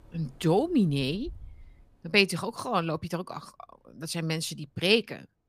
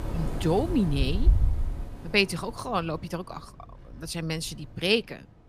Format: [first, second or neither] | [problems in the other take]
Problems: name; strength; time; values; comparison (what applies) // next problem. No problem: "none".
first | wind in the background; loud; throughout; 2 dB below the speech; faint in the first